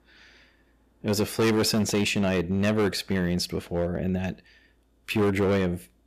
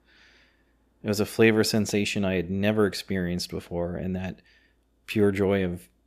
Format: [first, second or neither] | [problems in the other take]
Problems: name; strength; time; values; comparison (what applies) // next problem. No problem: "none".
second | distortion; heavy; 9% of the sound clipped